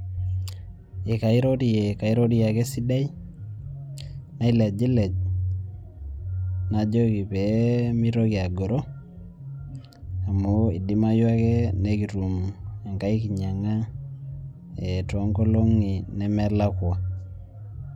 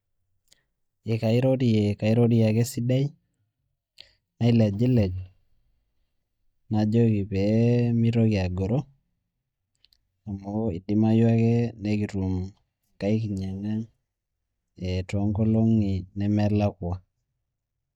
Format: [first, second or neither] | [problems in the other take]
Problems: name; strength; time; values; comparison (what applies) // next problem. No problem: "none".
first | noise reduction (neural mask model DeepFilterNet 3)